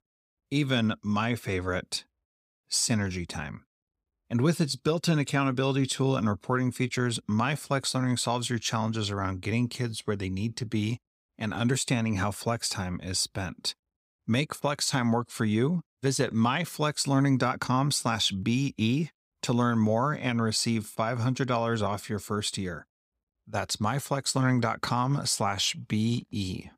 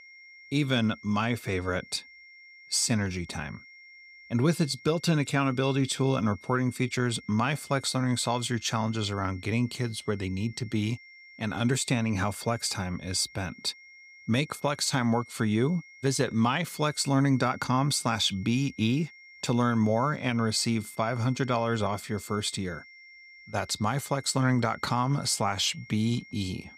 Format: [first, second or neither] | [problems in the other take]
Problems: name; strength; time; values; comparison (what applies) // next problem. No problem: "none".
first | high-pitched whine; faint; throughout; 2 kHz, 20 dB below the speech